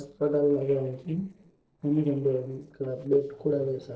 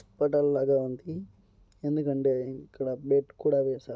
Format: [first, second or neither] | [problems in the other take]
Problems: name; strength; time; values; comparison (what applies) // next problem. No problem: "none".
second | noise reduction (neural separator model SepFormer DNS4)